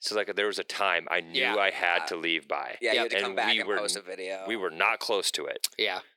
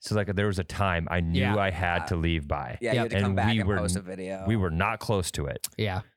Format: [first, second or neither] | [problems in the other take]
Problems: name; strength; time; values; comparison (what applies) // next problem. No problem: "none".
second | thin; very; fading below 350 Hz